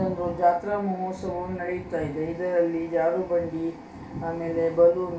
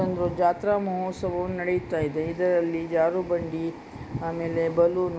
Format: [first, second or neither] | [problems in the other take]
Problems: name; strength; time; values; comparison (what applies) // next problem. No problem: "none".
second | room echo; dies away in 0.3 s